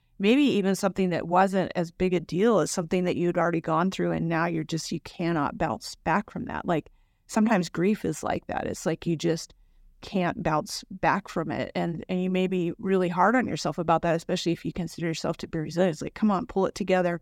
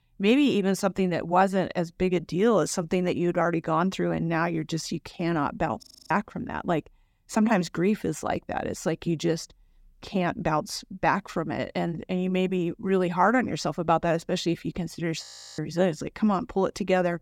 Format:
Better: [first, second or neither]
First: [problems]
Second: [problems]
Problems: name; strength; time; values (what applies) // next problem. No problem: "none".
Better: first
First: none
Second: audio freezing; at 6 s and at 15 s